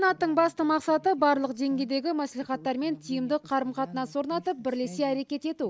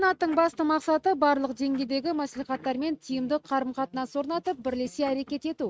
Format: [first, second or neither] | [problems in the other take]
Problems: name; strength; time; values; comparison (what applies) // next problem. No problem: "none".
first | noise reduction (neural mask model RNNoise)